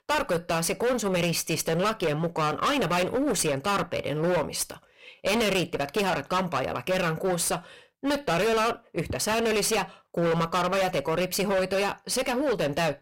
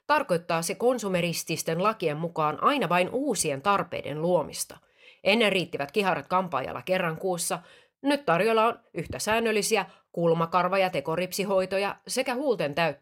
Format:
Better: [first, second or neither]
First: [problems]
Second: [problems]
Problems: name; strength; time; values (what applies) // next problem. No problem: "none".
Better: second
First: distortion; heavy; 24% of the sound clipped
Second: none